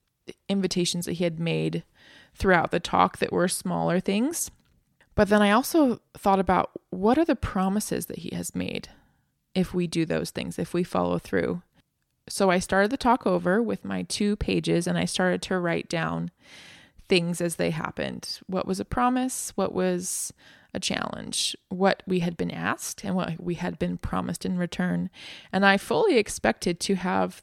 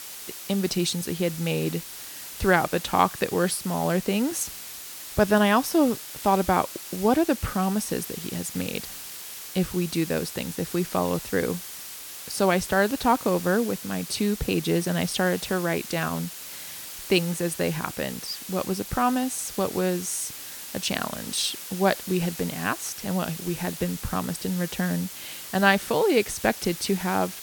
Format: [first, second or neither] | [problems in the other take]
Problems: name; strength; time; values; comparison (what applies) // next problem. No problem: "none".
first | hiss; noticeable; throughout; 10 dB below the speech